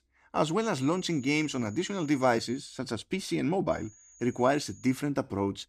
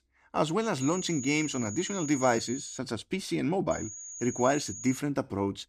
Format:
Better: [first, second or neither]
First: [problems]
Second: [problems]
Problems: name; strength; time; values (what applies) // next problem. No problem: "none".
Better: first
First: high-pitched whine; faint; from 1 to 3 s and from 3.5 to 5 s; 7 kHz, 25 dB below the speech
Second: high-pitched whine; loud; from 1 to 3 s and from 3.5 to 5 s; 7 kHz, 9 dB below the speech